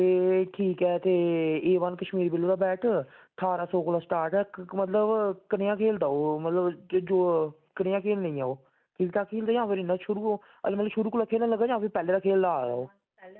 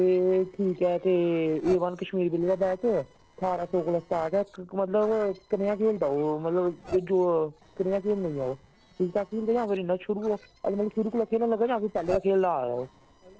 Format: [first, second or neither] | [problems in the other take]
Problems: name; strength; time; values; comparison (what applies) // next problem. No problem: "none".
first | noise reduction (neural separator model SepFormer DNS4)